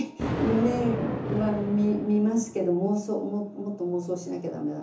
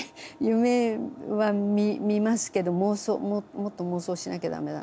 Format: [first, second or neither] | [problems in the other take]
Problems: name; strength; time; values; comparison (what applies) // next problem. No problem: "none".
second | background sound (Thunder); 7 dB below the speech // room echo; dies away in 0.7 s